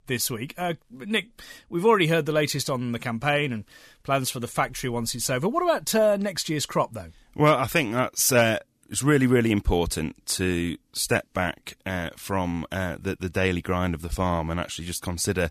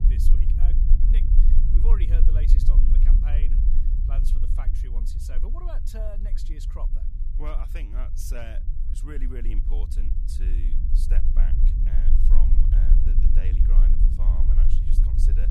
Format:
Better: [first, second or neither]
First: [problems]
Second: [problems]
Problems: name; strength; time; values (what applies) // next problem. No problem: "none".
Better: first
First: none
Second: low rumble; loud; throughout; 1 dB below the speech